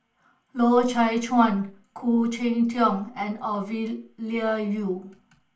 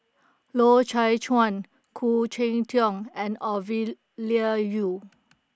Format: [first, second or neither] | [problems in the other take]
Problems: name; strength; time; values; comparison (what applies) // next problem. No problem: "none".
second | room echo; dies away in 0.3 s